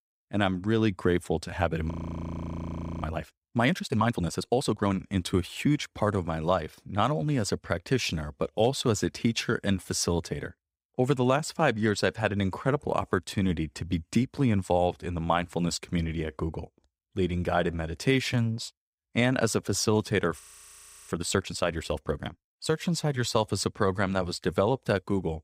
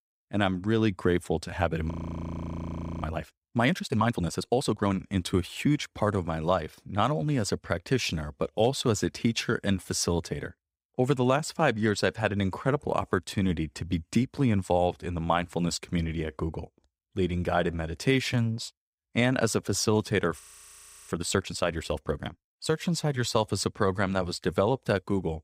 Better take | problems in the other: neither | audio freezing; at 2 s for 1 s and at 20 s for 0.5 s; the same in both

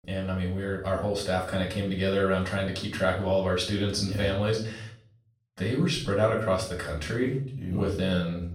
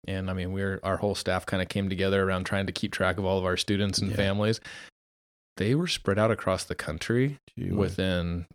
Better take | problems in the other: second | off-mic speech; far // room echo; noticeable; dies away in 0.5 s

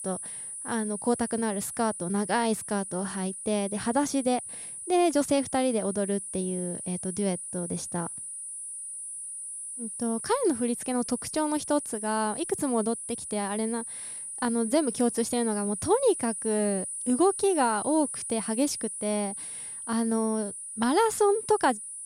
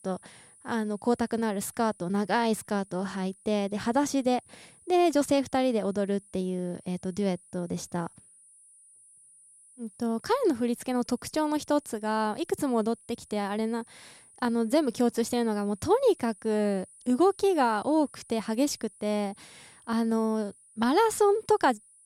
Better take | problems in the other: second | high-pitched whine; loud; throughout; 9.5 kHz, 7 dB below the speech; faint in the second

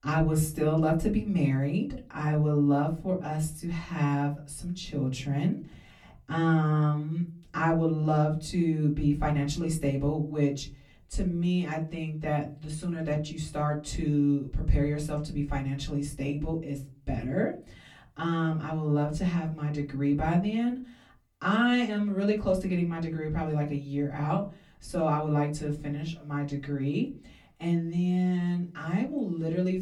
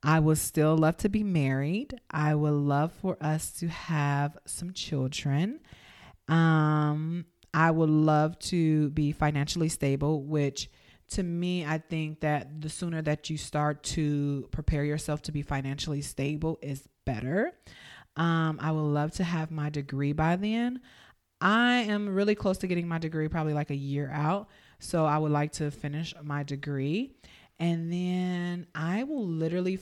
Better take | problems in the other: second | off-mic speech; far // room echo; very slight; dies away in 0.3 s

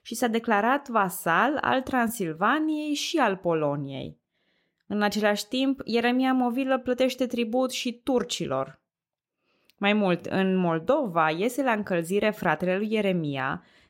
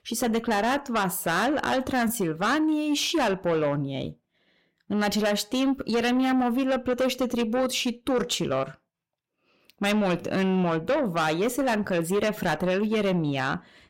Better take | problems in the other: first | distortion; heavy; 7 dB below the speech

